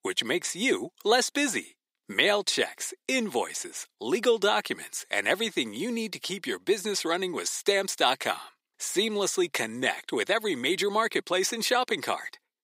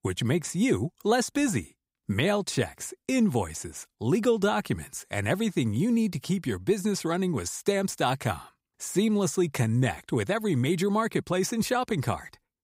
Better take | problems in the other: second | thin; somewhat; fading below 350 Hz

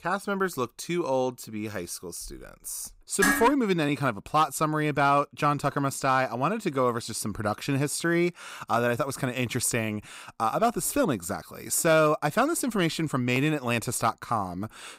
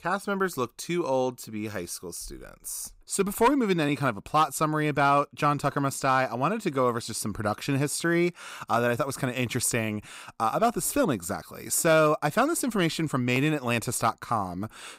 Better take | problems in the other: second | clattering dishes; loud; at 3 s; peak 2 dB above the speech

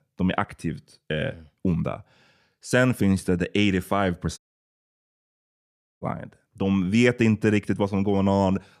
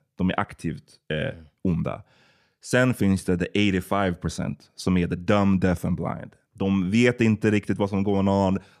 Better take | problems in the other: second | audio cutting out; at 4.5 s for 1.5 s

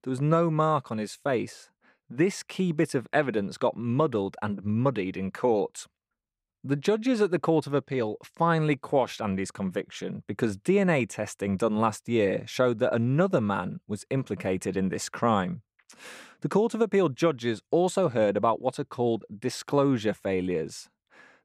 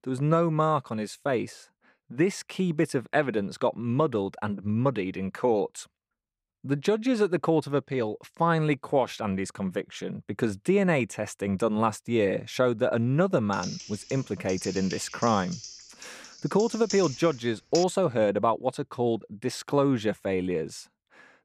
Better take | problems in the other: first | keyboard typing; noticeable; from 14 to 18 s; peak 8 dB below the speech

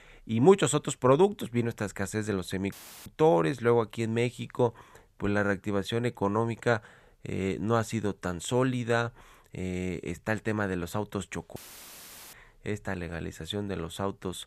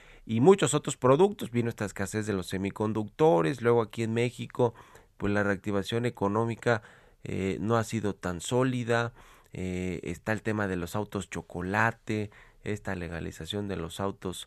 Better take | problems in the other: second | audio cutting out; filled with static; at 2.5 s and at 12 s for 1 s

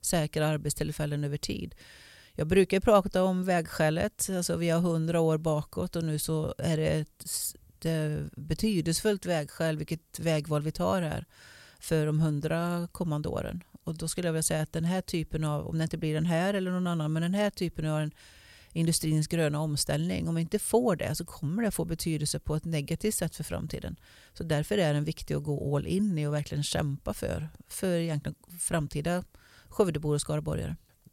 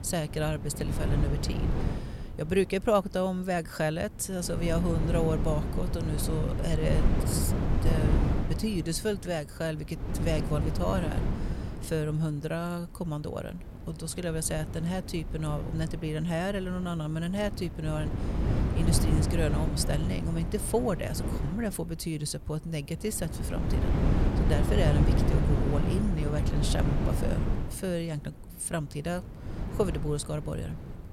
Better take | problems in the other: first | wind noise on the microphone; heavy; 5 dB below the speech

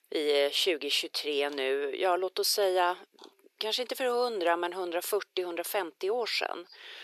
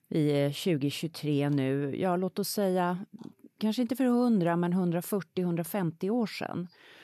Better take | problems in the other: second | thin; very; fading below 400 Hz

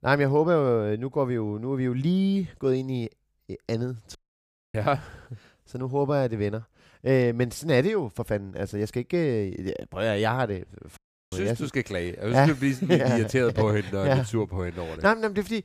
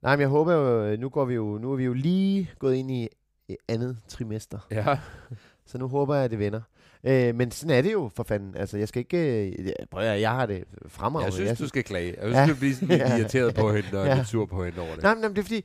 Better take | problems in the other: second | audio cutting out; at 4 s for 0.5 s and at 11 s

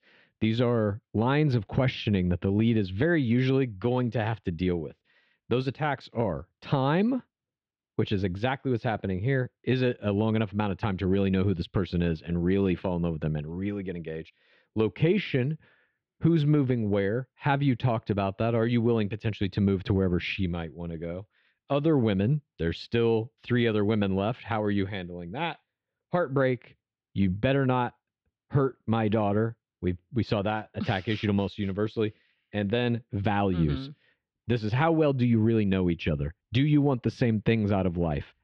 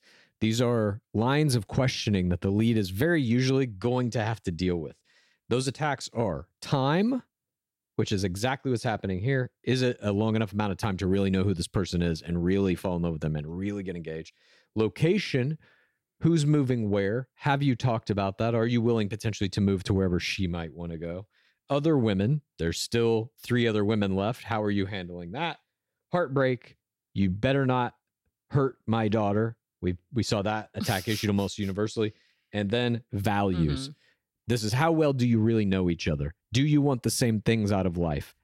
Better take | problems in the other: second | muffled; slightly; fading above 3 kHz

